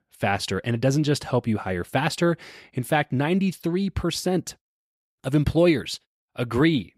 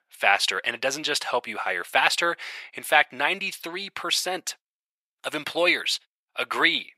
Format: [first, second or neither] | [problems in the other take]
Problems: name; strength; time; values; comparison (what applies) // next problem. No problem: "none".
first | thin; very; fading below 850 Hz